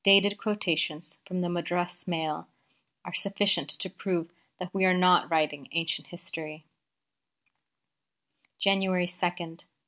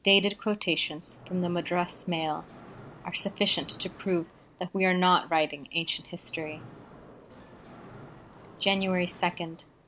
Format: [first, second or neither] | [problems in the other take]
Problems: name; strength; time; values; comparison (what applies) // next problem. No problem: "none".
first | background sound (Mechanisms); 19 dB below the speech